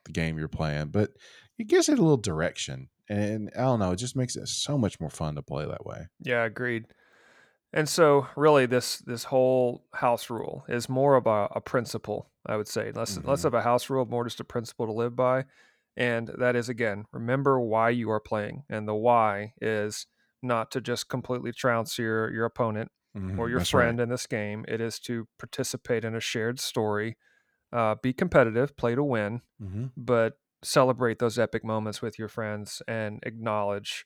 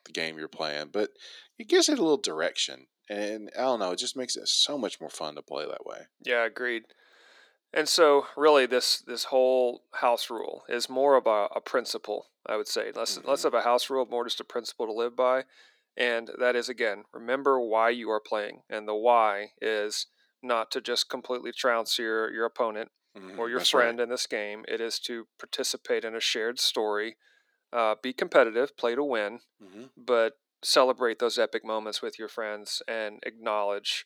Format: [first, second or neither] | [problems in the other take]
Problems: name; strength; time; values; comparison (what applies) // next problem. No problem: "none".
first | thin; somewhat; fading below 300 Hz